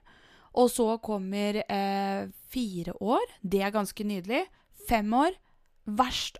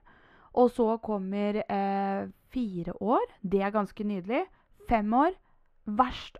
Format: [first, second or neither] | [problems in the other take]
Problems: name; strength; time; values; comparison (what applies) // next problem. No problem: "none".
first | muffled; very; fading above 3.5 kHz